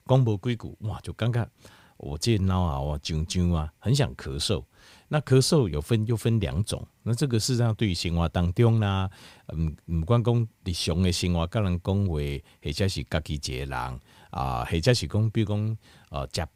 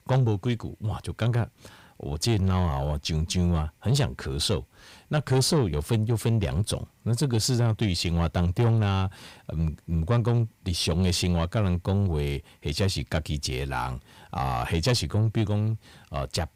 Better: first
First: none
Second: distortion; slight; 10 dB below the speech

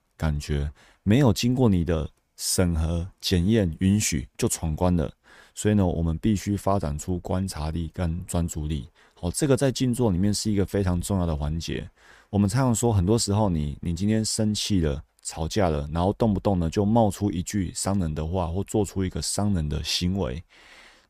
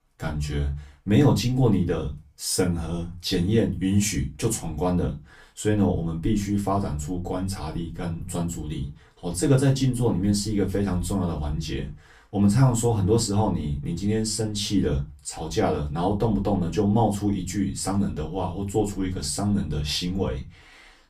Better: first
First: none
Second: off-mic speech; far // room echo; very slight; dies away in 0.2 s

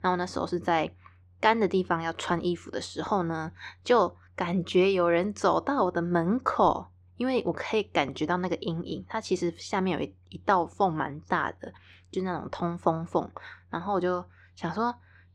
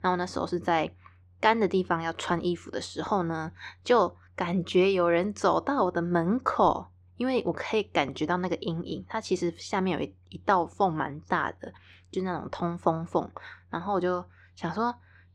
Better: neither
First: muffled; slightly; fading above 3 kHz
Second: muffled; slightly; fading above 3 kHz

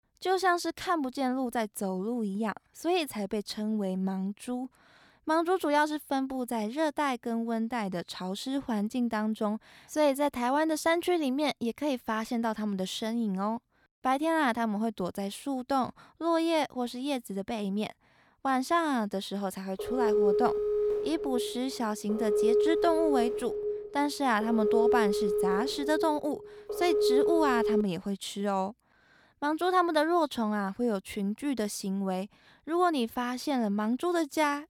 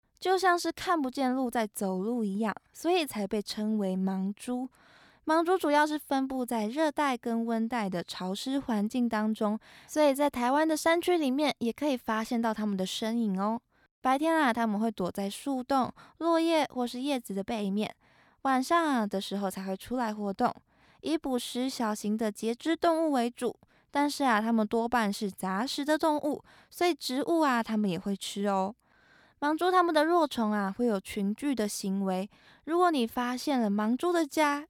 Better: second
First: phone ringing; loud; from 20 to 28 s; peak 5 dB above the speech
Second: none

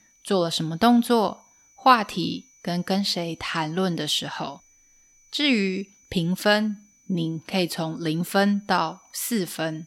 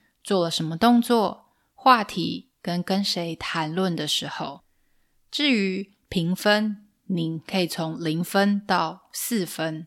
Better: second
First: high-pitched whine; faint; throughout; 6 kHz, 30 dB below the speech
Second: none

